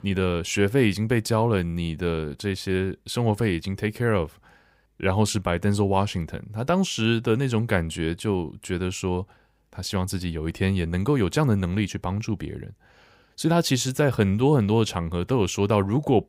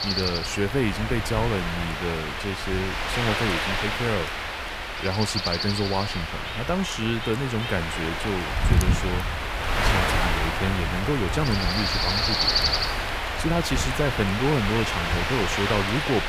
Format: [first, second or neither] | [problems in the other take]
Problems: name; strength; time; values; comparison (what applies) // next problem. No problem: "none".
first | wind noise on the microphone; heavy; 5 dB above the speech